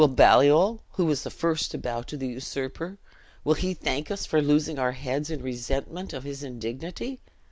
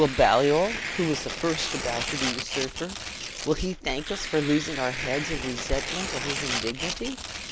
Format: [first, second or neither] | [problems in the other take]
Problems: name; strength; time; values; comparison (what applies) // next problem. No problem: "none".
first | background sound (Tearing); 5 dB below the speech